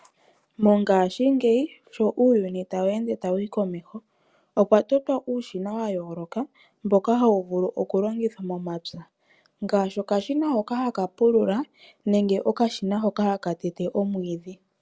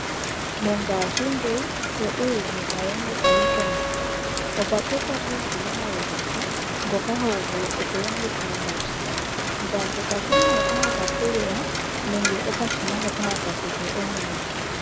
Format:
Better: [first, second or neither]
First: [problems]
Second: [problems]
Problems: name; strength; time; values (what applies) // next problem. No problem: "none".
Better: first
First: none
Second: background sound (Rain + Acoustic guitar); 4 dB above the speech